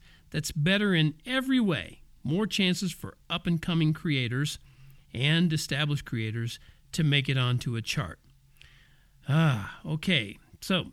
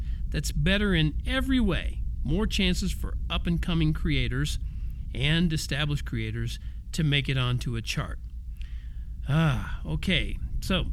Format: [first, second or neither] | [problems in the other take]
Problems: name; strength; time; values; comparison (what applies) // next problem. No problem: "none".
first | low rumble; faint; throughout; 25 dB below the speech